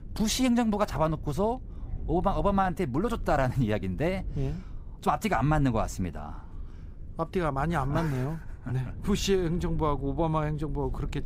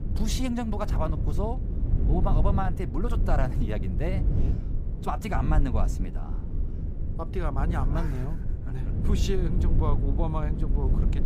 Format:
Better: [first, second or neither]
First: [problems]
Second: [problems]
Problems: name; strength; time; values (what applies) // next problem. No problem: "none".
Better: first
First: low rumble; faint; throughout; 25 dB below the speech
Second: low rumble; loud; throughout; 8 dB below the speech